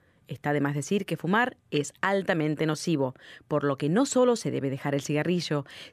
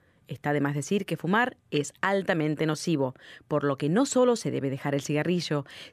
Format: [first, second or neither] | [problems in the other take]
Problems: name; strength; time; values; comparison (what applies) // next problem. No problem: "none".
neither | none